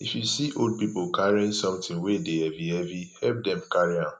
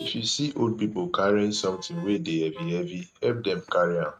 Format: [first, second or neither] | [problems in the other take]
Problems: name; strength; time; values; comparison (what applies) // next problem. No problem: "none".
first | noise reduction (neural mask model RNNoise)